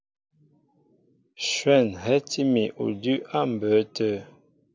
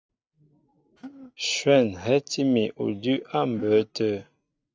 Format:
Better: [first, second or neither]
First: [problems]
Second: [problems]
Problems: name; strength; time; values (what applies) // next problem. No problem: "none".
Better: first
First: none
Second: noise reduction (neural mask model RNNoise)